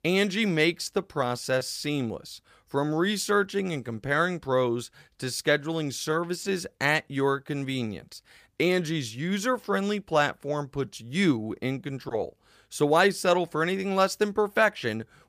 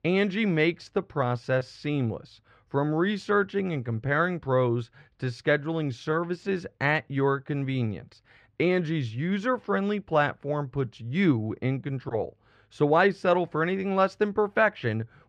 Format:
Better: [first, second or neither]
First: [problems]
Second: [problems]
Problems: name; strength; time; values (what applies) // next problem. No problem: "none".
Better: first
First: none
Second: muffled; slightly; fading above 2.5 kHz